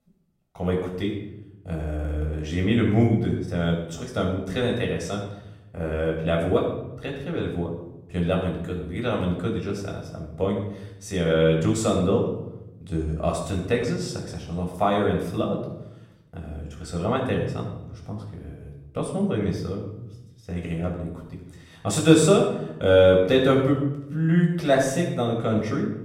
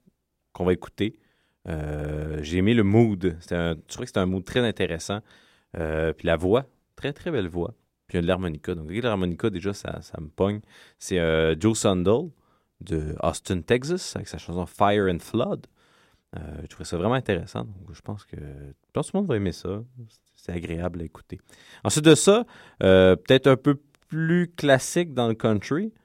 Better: second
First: off-mic speech; somewhat distant // room echo; noticeable; dies away in 0.8 s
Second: none

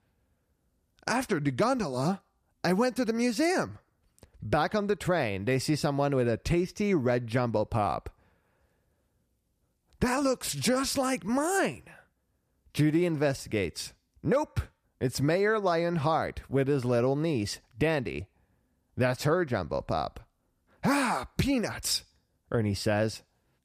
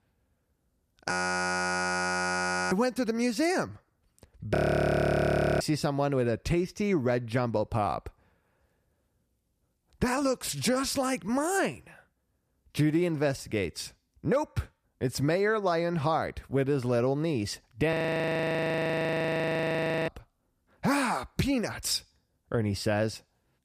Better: first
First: none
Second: audio freezing; at 1 s for 1.5 s, at 4.5 s for 1 s and at 18 s for 2 s

